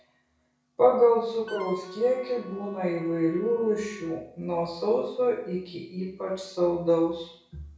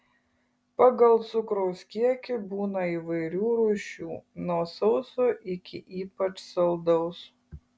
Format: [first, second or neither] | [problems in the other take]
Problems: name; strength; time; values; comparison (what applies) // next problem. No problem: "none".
second | background sound (Wind instrument, woodwind instrument); 18 dB below the speech // room echo; dies away in 0.5 s